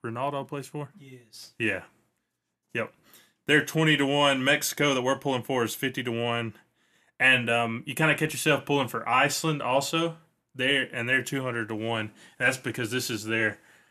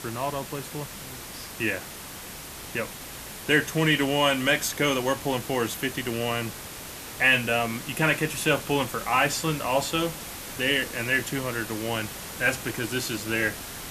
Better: first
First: none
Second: hiss; noticeable; throughout; 10 dB below the speech

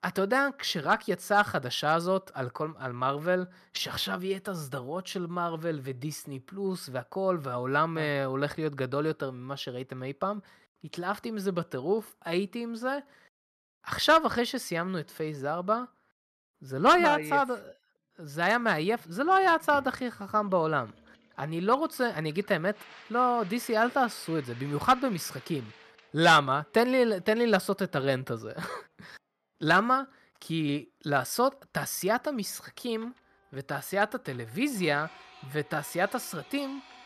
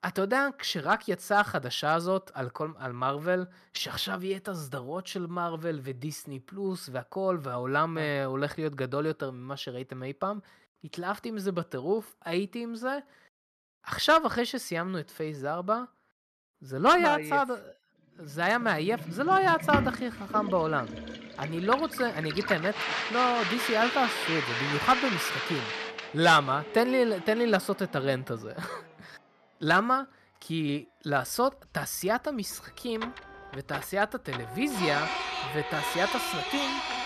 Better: first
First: household noises; faint; from 19 s on; 25 dB below the speech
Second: household noises; loud; from 19 s on; 4 dB below the speech

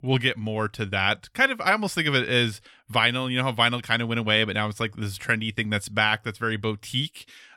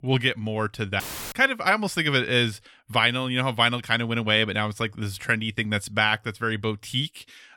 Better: first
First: none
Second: audio cutting out; filled with static; at 1 s

